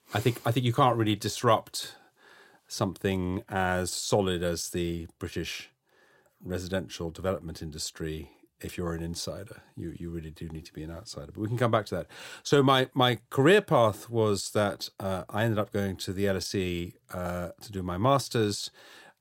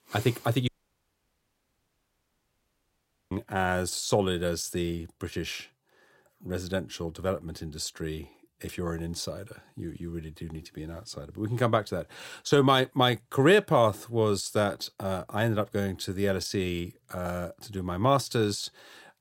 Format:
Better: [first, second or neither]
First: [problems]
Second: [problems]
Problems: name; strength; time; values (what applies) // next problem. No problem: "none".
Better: first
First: none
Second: audio cutting out; at 0.5 s for 2.5 s